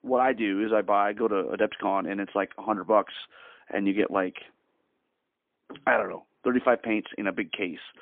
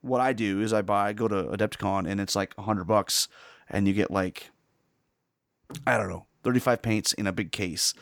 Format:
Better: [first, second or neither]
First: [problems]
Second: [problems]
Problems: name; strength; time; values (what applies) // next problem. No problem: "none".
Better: second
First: phone-call audio; poor line; nothing above 3.5 kHz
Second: none